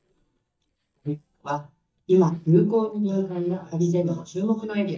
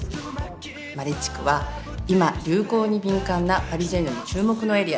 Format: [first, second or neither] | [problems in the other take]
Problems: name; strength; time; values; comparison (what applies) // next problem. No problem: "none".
second | noise reduction (neural mask model DeepFilterNet 3)